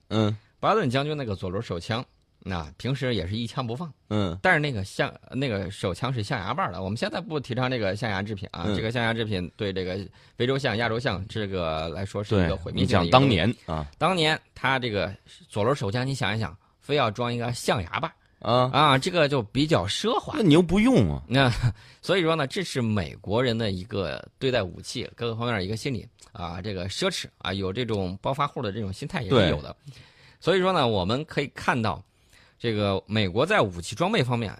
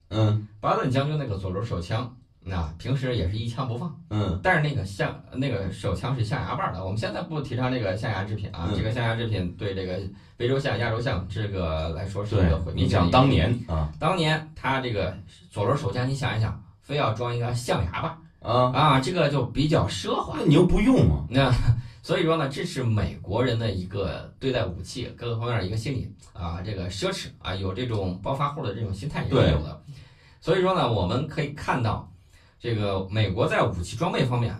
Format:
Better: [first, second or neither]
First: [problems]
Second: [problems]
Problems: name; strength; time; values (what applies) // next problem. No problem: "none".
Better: first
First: none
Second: off-mic speech; far // room echo; very slight; dies away in 0.2 s